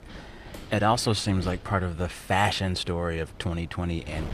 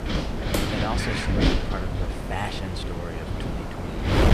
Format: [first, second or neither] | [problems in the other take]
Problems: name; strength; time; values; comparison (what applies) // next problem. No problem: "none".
first | wind noise on the microphone; heavy; 4 dB above the speech; occasional gusts in the first